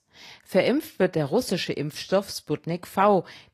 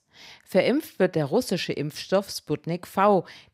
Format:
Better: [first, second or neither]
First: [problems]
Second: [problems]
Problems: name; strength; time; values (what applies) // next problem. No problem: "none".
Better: second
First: garbled, watery; slightly; nothing above 14.5 kHz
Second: none